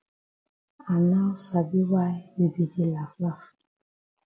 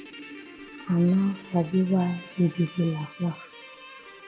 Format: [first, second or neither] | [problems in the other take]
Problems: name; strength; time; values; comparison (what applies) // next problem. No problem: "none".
first | background sound (Guitar); 18 dB below the speech